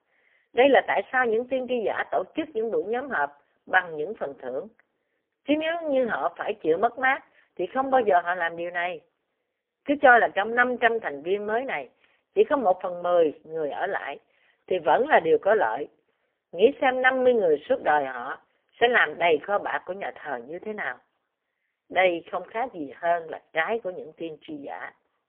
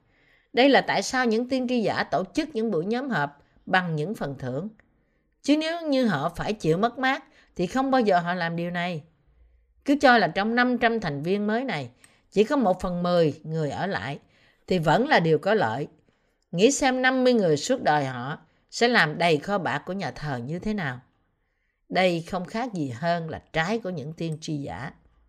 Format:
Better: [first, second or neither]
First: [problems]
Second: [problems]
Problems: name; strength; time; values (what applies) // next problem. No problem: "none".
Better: second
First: phone-call audio; poor line; nothing above 3.5 kHz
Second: none